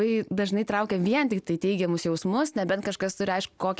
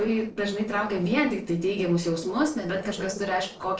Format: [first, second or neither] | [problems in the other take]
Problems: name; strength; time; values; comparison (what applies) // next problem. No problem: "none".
first | noise reduction (neural separator model SepFormer DNS4)